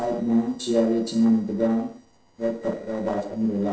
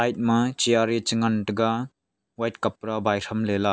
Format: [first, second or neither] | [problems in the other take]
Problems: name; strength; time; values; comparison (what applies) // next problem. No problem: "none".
second | noise reduction (neural separator model SepFormer DNS4)